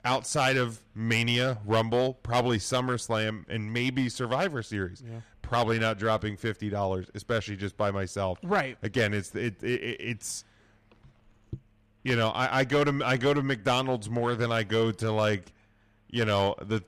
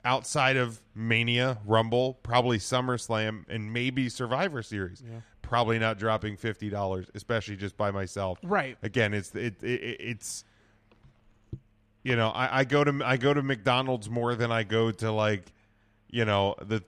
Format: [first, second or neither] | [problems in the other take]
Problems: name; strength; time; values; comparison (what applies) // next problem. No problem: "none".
second | distortion; slight; 4% of the sound clipped